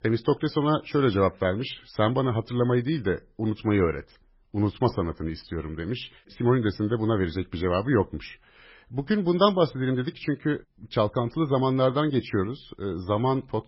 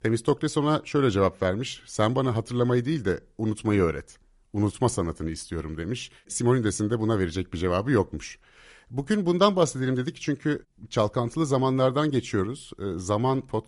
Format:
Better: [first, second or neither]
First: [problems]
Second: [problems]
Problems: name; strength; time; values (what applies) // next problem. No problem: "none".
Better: second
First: garbled, watery; badly; nothing above 5.5 kHz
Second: garbled, watery; slightly; nothing above 10.5 kHz